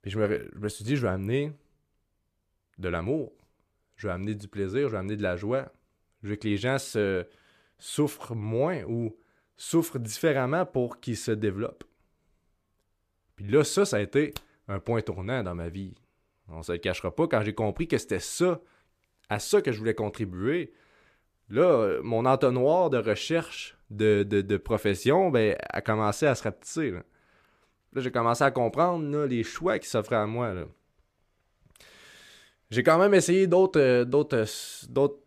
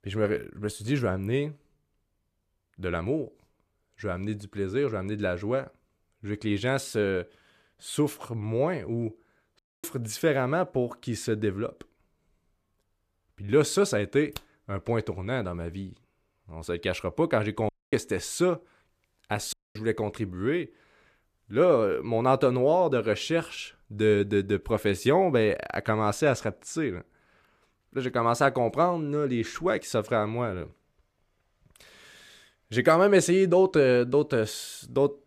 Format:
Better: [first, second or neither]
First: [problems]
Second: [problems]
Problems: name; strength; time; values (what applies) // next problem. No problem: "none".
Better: first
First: none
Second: audio cutting out; at 9.5 s, at 18 s and at 20 s